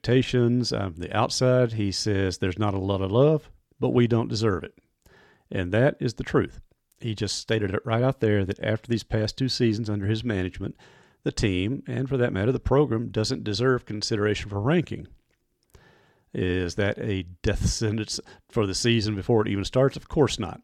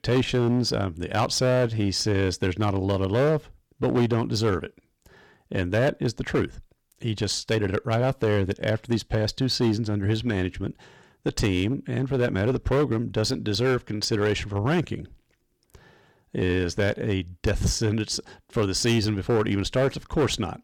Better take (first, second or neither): first